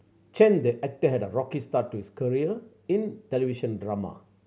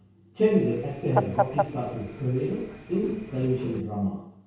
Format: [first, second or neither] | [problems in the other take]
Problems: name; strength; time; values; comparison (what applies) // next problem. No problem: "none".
first | background sound (Fowl); 5 dB below the speech // room echo; dies away in 0.6 s